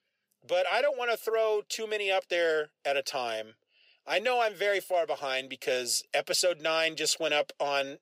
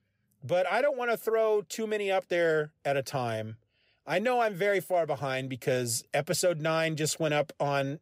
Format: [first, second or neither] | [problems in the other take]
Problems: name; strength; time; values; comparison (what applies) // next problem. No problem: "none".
second | thin; somewhat; fading below 450 Hz